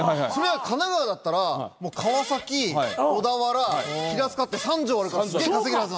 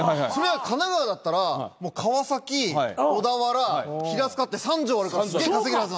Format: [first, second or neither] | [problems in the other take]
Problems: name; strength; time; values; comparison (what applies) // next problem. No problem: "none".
second | background sound (Fart); 14 dB below the speech